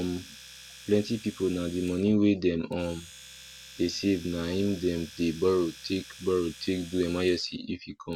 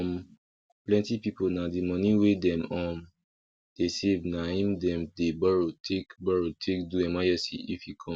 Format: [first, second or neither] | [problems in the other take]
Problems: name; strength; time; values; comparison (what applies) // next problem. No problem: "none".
second | background sound (Domestic sounds, home sounds); 19 dB below the speech